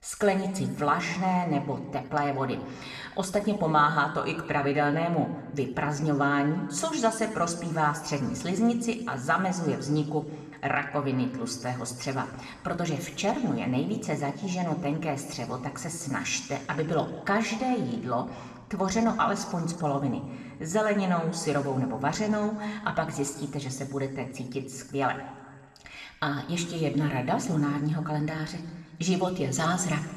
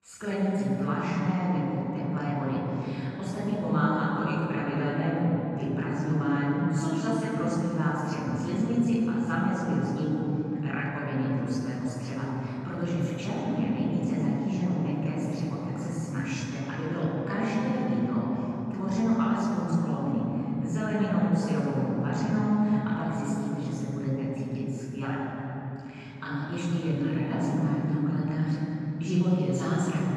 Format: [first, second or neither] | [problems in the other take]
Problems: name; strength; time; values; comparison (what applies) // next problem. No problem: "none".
first | room echo; strong; dies away in 3 s; slight in the first // off-mic speech; far